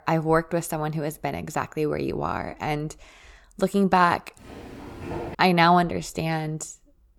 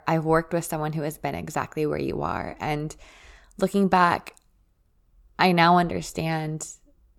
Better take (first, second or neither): second